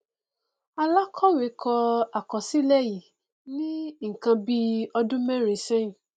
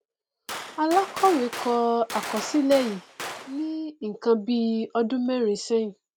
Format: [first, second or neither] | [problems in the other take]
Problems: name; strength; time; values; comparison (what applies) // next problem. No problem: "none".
first | background sound (Gunshot, gunfire); 11 dB below the speech